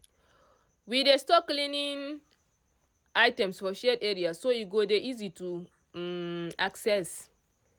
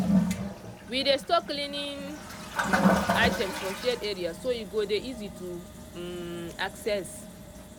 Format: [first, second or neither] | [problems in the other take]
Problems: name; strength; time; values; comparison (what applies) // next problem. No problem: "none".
first | background sound (Toilet flush); 1 dB above the speech